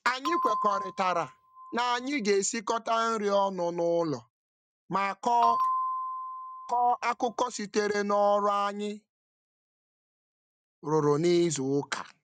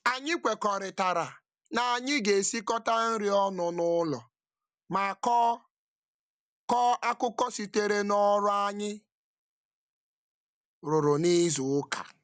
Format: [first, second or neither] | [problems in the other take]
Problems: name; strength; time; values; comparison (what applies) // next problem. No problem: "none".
second | noise reduction (neural mask model RNNoise)